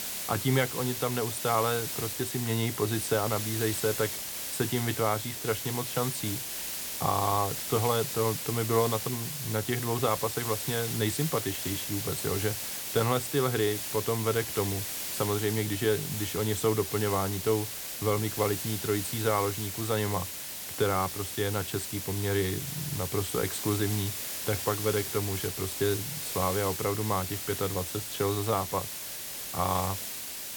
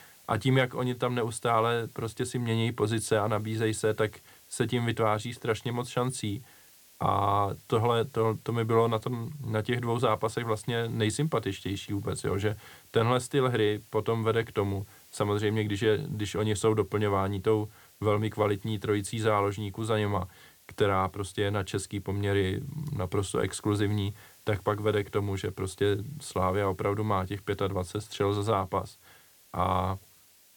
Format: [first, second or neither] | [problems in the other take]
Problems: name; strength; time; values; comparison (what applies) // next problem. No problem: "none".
second | hiss; loud; throughout; 3 dB below the speech; faint in the second